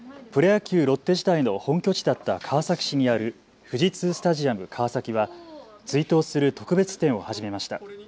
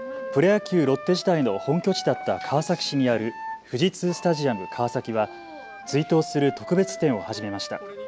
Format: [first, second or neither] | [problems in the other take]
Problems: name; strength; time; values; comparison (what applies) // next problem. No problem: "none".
first | background sound (Wind instrument, woodwind instrument); 13 dB below the speech